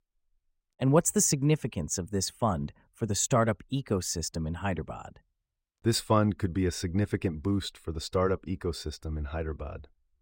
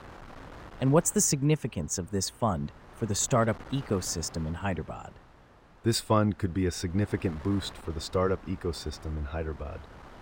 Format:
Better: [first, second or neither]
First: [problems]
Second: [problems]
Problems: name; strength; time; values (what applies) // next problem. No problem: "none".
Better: first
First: none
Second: wind noise on the microphone; occasional gusts; 20 dB below the speech